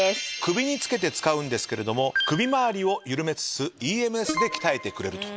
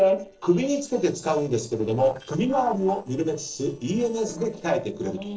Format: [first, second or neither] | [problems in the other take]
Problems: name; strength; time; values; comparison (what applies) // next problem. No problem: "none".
first | noise reduction (neural separator model SepFormer DNS4)